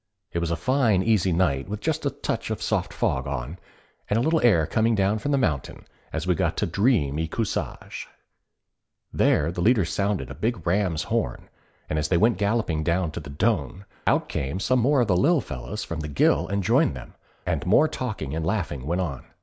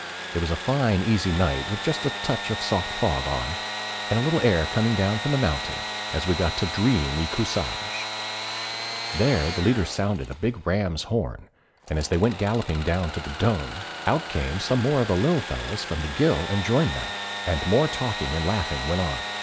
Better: first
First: none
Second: background sound (Sawing / Engine); 7 dB below the speech

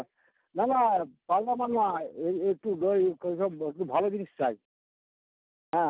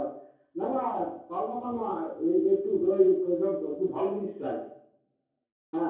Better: first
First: none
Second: room echo; dies away in 0.6 s

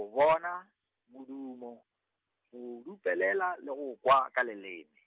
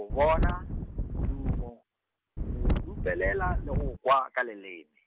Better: first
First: none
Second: background sound (Wind); 2 dB above the speech

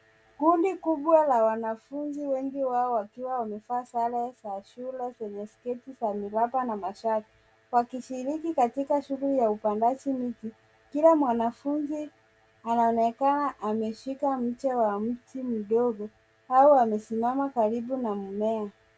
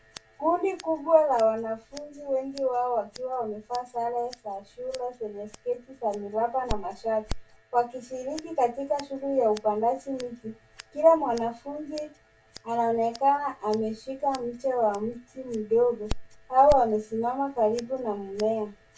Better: first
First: none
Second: background sound (Scissors); 15 dB below the speech // room echo; dies away in 0.2 s

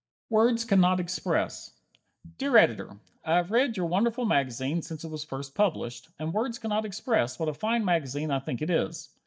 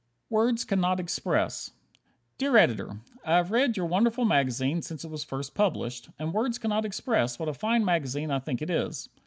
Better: second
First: noise reduction (neural mask model DeepFilterNet 3)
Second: none

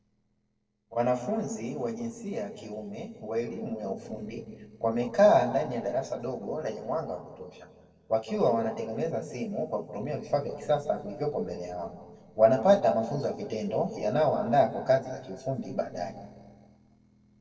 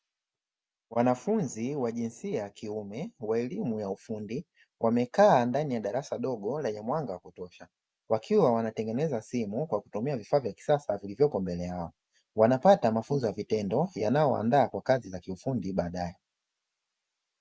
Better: second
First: noise reduction (neural separator model SepFormer DNS4)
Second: none

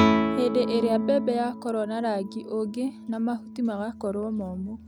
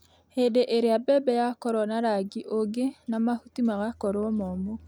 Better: second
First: background sound (Guitar); 2 dB below the speech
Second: none

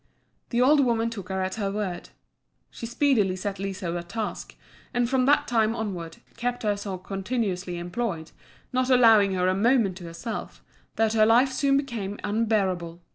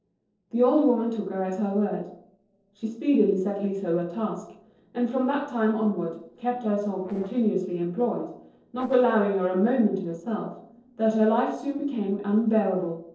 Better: first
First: none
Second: noise reduction (neural separator model SepFormer DNS4)

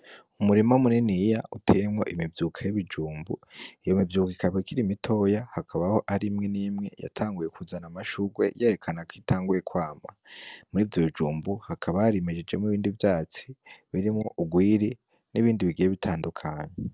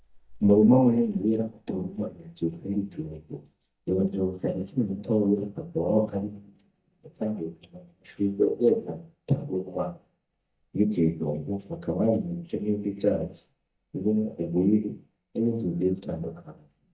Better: first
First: none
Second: noise reduction (neural mask model DeepFilterNet 3)

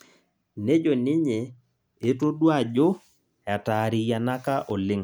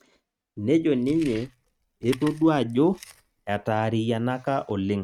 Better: first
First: none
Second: noise reduction (neural mask model RNNoise)

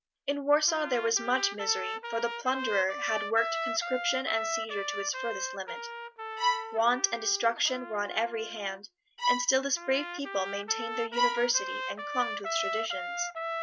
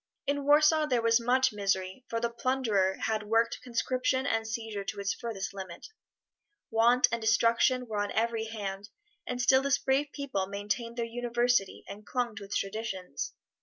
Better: second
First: background sound (Trumpet + Bowed string instrument); 4 dB below the speech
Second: none

